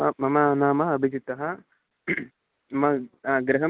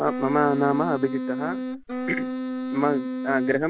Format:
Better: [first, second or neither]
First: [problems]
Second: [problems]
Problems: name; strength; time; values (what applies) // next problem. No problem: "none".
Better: first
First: none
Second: background sound (Wind instrument, woodwind instrument); 4 dB below the speech